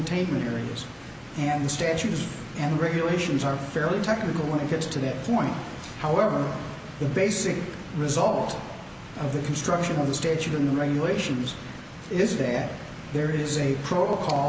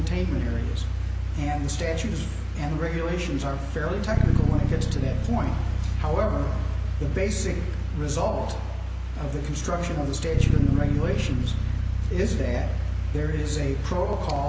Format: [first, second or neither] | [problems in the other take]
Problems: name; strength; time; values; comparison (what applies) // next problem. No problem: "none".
first | background sound (Bass guitar); 4 dB above the speech